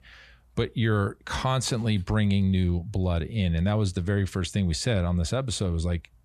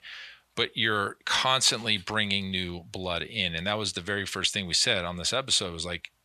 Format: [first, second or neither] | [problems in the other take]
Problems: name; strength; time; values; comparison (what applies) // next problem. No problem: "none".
first | thin; somewhat; fading below 950 Hz